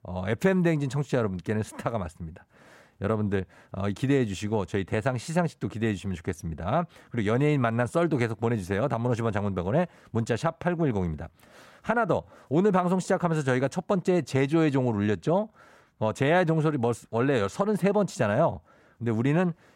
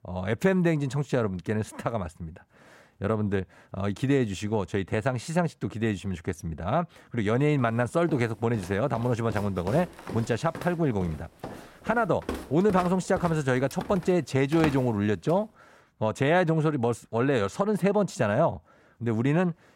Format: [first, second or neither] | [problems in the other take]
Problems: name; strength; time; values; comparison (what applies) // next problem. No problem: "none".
first | footsteps; noticeable; from 8 to 15 s; peak 7 dB below the speech